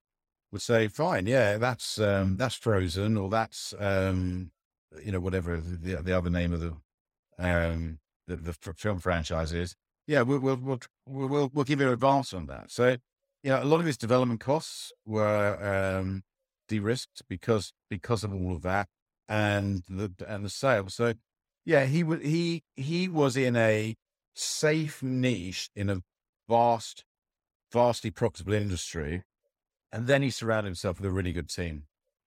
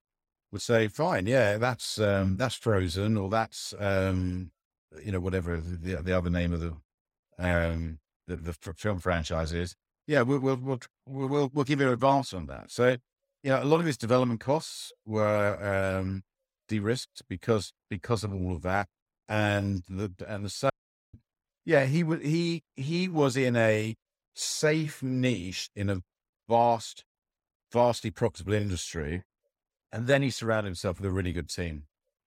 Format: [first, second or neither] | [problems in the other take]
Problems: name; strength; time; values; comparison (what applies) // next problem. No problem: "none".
first | audio cutting out; at 21 s